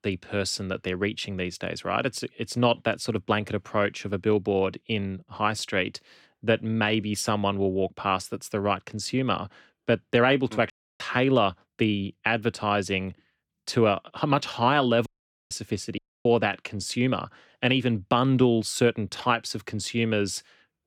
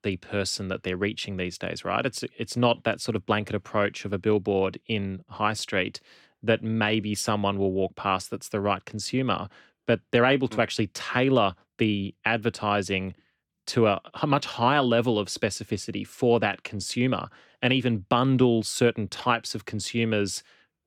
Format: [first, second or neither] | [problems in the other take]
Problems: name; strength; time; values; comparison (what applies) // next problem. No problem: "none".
second | audio cutting out; at 11 s, at 15 s and at 16 s